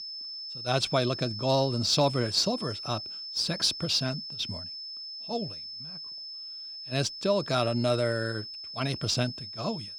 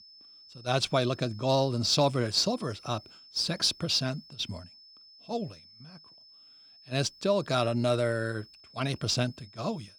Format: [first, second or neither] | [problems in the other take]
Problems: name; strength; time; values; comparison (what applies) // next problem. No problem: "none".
second | high-pitched whine; loud; throughout; 5.5 kHz, 8 dB below the speech; faint in the second